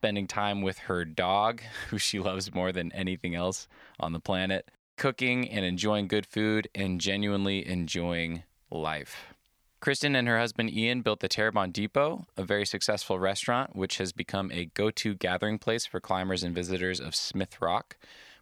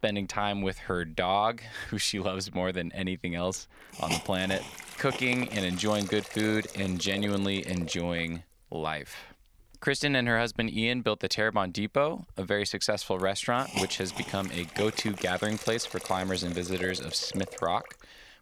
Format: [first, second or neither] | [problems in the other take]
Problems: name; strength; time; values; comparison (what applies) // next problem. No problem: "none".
first | hiss; loud; throughout; 10 dB below the speech